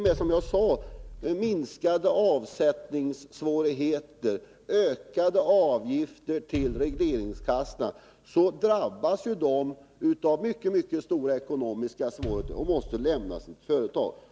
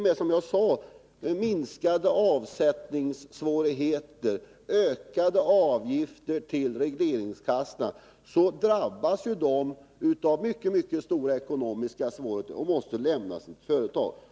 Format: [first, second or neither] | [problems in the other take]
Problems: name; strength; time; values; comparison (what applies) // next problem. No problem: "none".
second | background sound (Bass drum); 12 dB below the speech